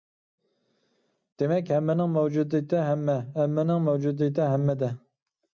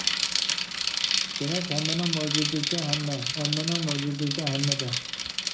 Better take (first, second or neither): first